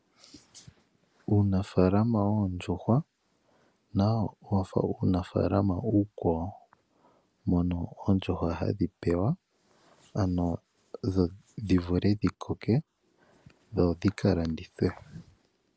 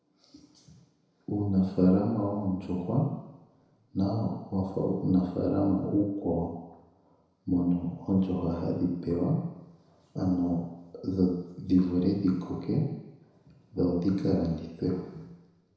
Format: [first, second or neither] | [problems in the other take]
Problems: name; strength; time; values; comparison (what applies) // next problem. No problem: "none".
first | room echo; dies away in 1 s